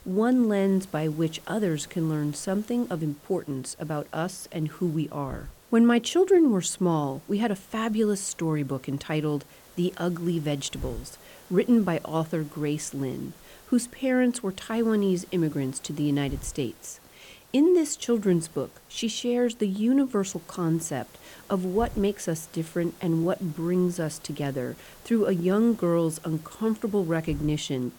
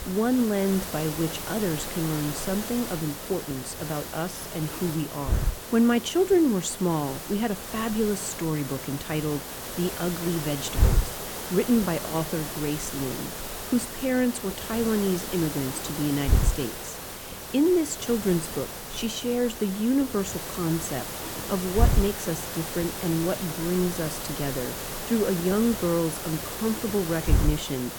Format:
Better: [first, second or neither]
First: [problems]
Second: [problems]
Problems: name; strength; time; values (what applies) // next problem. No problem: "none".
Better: first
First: hiss; faint; throughout; 20 dB below the speech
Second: hiss; loud; throughout; 4 dB below the speech